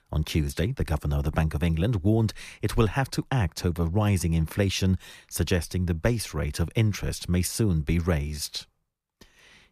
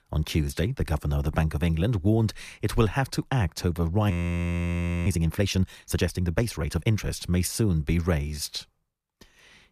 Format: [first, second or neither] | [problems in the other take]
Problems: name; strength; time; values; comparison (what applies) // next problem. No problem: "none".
first | audio freezing; at 4 s for 1 s